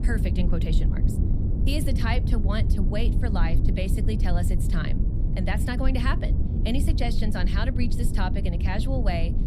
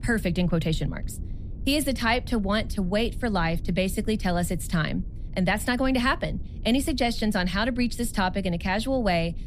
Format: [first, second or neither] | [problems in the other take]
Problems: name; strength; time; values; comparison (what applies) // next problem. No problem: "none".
second | low rumble; loud; throughout; 6 dB below the speech; faint in the second